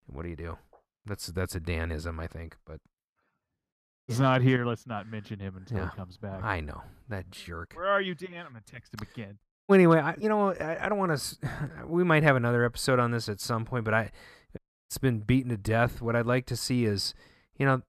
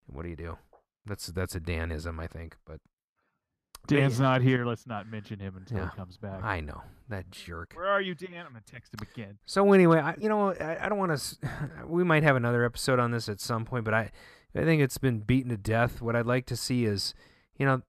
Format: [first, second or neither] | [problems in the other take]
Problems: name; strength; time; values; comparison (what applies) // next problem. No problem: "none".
second | audio cutting out; at 3.5 s, at 9.5 s and at 15 s